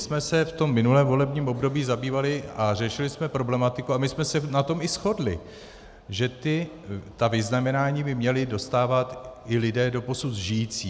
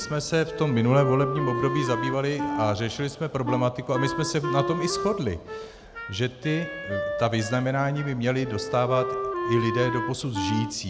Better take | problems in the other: first | background sound (Wind instrument, woodwind instrument); 6 dB below the speech

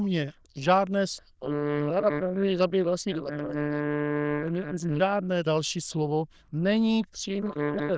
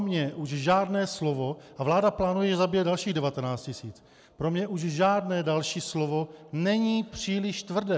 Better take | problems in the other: second | noise reduction (neural diffusion model UNIVERSE++)

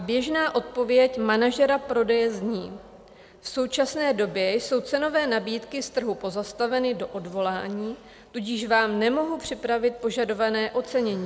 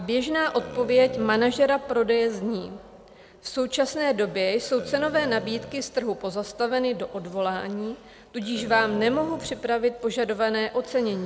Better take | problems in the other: first | background sound (Burping, eructation); 17 dB below the speech

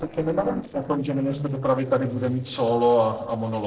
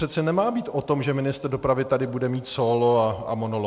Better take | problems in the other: second | noise reduction (neural separator model SepFormer DNS4)

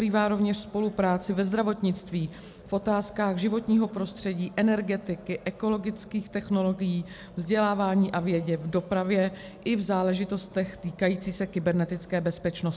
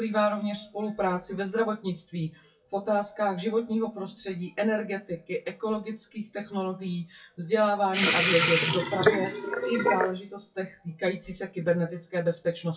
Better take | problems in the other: first | noise reduction (classical method WPE with log-MMSE)

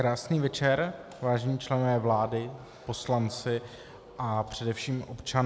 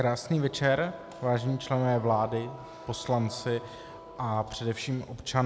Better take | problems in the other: first | background sound (Wind instrument, woodwind instrument); 20 dB below the speech

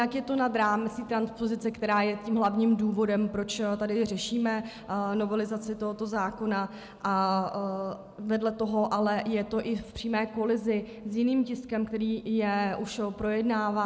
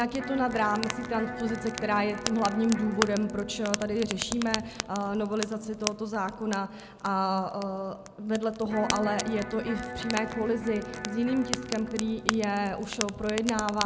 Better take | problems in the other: first | background sound (Fire + Electric guitar); 7 dB below the speech

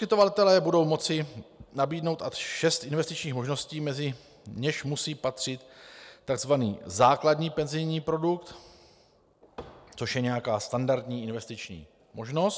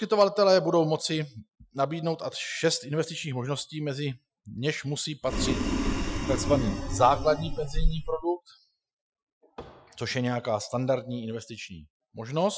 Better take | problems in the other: first | noise reduction (classical method Wiener filter)

